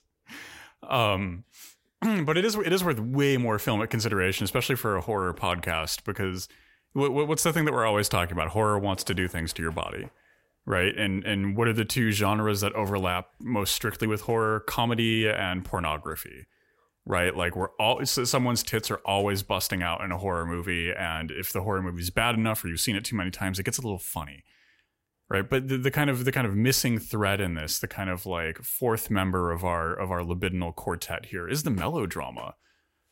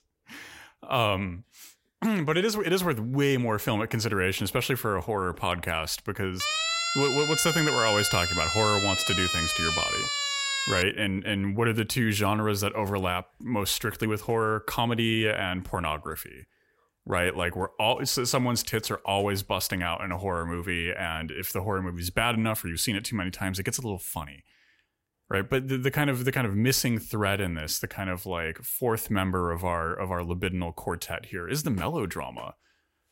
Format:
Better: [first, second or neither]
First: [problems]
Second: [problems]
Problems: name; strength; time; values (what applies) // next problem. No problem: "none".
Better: first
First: none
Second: siren; loud; from 6.5 to 11 s; peak 3 dB above the speech